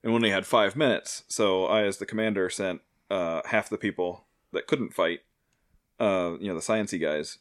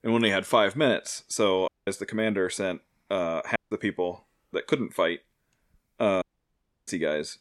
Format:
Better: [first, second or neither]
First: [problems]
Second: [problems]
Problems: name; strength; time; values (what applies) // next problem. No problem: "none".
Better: first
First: none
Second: audio cutting out; at 1.5 s, at 3.5 s and at 6 s for 0.5 s